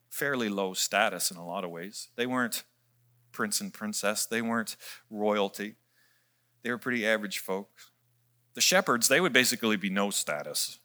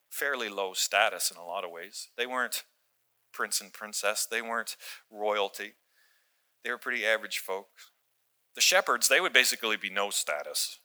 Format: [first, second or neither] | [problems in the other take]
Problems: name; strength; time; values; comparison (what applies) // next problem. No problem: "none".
first | thin; very; fading below 600 Hz